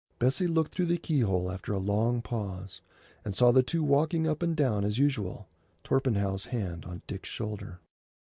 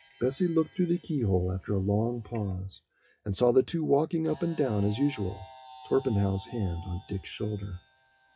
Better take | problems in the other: first | noise reduction (classical method WPE with log-MMSE)

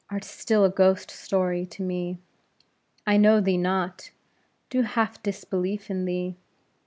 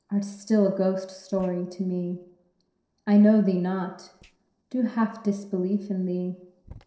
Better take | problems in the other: first | noise reduction (neural separator model SepFormer DNS4)

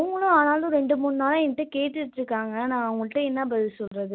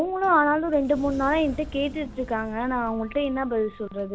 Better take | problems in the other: first | background sound (Sliding door); 16 dB below the speech

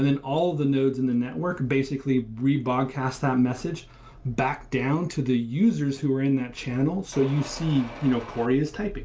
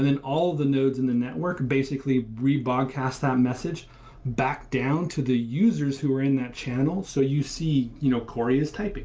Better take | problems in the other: second | background sound (Mechanisms); 15 dB below the speech

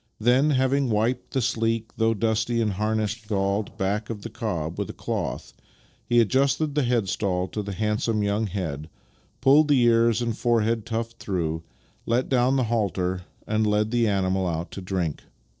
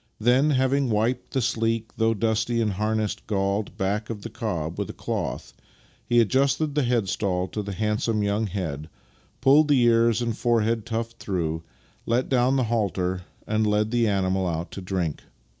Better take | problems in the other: second | noise reduction (neural separator model SepFormer DNS4)

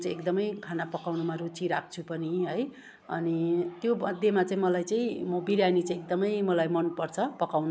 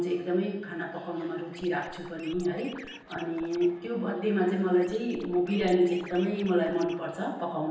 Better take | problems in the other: first | background sound (Scratching (performance technique)); 19 dB below the speech // room echo; dies away in 0.9 s

